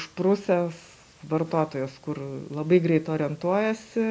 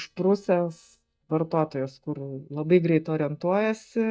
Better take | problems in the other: first | noise reduction (neural mask model DeepFilterNet 3)

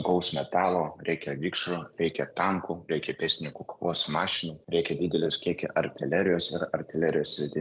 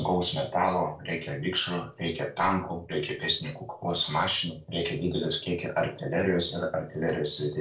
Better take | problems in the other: first | room echo; dies away in 0.3 s

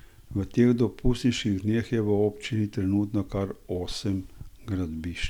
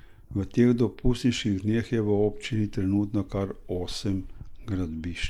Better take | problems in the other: first | noise reduction (neural mask model Resemble Enhance denoiser)

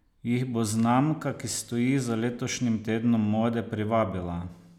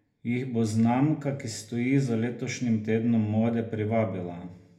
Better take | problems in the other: first | room echo; dies away in 0.3 s

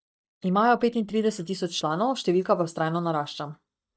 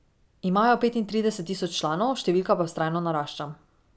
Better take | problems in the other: second | noise reduction (neural mask model DeepFilterNet 3)

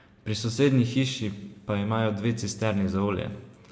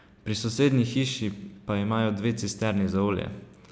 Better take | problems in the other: second | room echo; dies away in 0.6 s

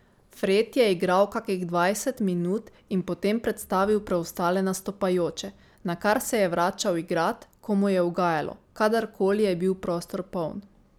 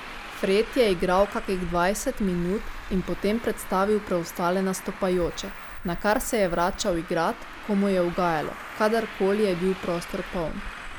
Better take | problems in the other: first | background sound (Traffic noise, roadway noise); 11 dB below the speech

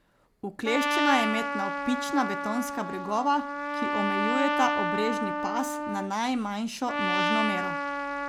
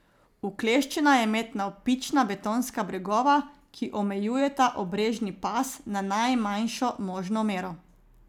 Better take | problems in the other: second | background sound (Trumpet); as loud as the speech

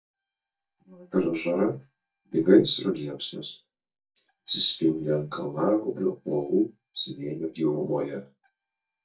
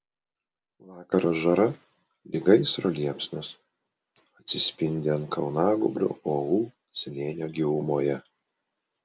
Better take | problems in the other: second | noise reduction (neural mask model DeepFilterNet 3)

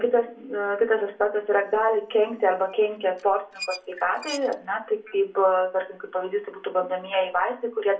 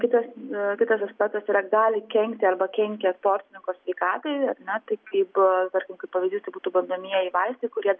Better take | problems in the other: second | background sound (Squeak); 18 dB below the speech // room echo; dies away in 0.2 s

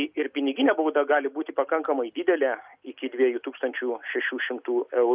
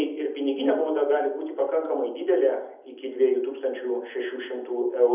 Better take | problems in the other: first | room echo; dies away in 0.7 s

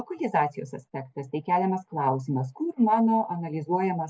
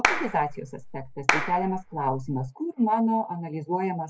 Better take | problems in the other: first | background sound (Clapping); 2 dB below the speech

